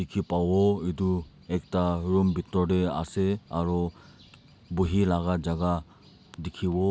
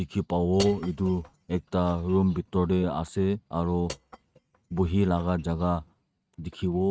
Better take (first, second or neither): first